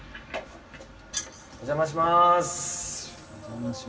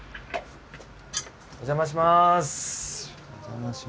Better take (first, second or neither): second